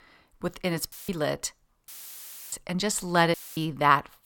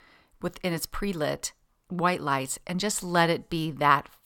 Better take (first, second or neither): second